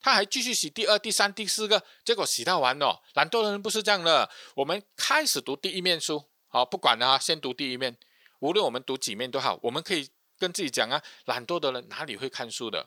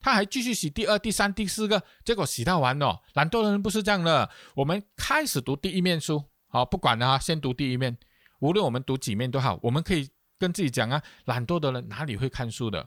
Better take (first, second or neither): second